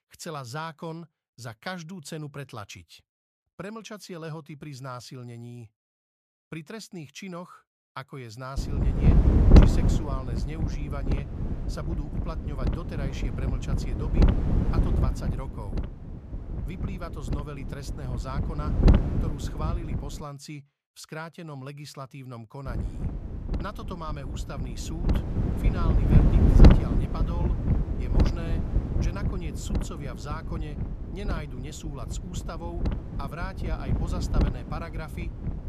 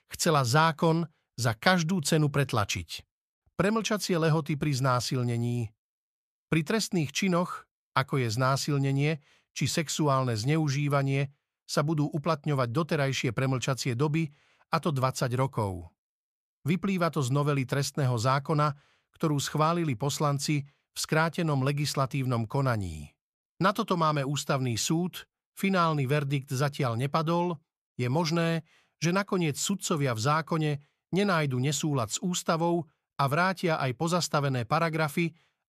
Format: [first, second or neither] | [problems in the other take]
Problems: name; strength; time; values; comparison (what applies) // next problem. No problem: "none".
second | wind noise on the microphone; heavy; from 8.5 to 20 s and from 23 s on; 4 dB above the speech